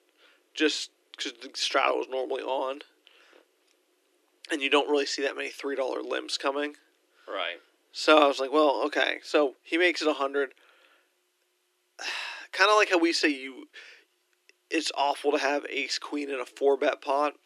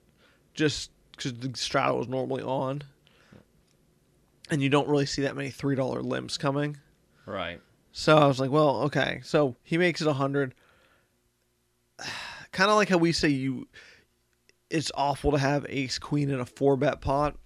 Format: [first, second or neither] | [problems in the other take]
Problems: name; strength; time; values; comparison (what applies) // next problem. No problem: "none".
second | thin; somewhat; fading below 300 Hz